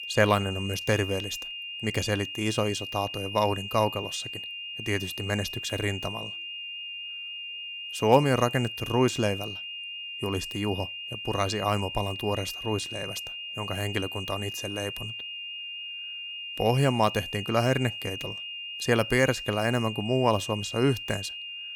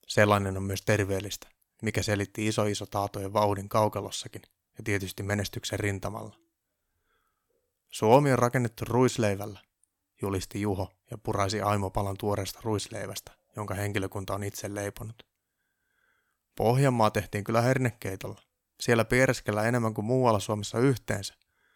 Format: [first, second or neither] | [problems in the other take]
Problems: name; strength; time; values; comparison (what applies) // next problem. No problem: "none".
second | high-pitched whine; loud; throughout; 3 kHz, 7 dB below the speech